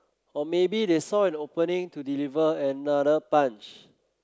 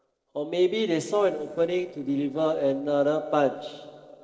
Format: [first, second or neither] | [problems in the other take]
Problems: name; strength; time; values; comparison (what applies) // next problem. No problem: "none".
first | noise reduction (neural separator model SepFormer DNS4)